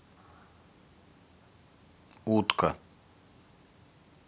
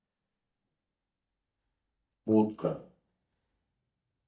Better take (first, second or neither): first